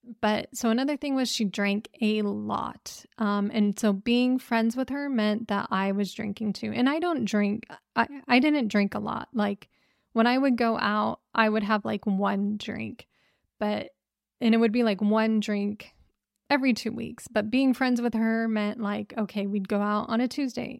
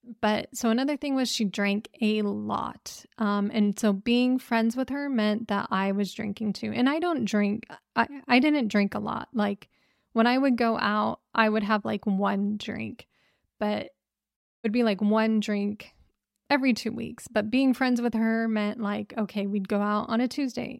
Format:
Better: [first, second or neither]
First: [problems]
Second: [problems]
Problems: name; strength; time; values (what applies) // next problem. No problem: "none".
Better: first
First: none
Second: audio cutting out; at 14 s